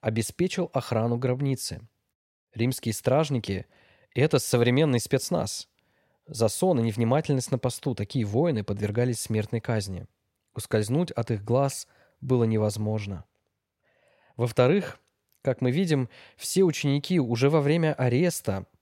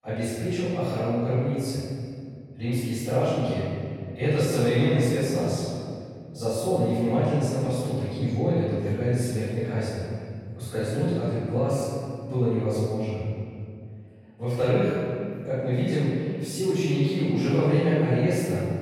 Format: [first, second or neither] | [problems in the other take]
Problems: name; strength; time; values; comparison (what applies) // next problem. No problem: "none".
first | off-mic speech; far // room echo; strong; dies away in 2.1 s